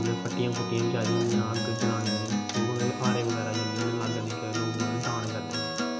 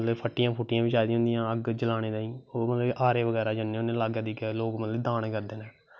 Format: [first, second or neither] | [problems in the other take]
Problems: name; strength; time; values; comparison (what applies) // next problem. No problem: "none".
second | background sound (Acoustic guitar); 1 dB below the speech // room echo; dies away in 0.8 s